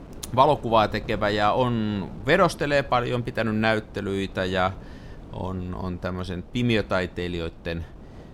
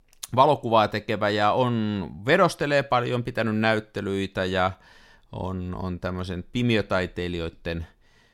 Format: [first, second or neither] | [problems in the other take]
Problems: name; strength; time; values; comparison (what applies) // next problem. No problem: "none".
second | wind noise on the microphone; occasional gusts; 25 dB below the speech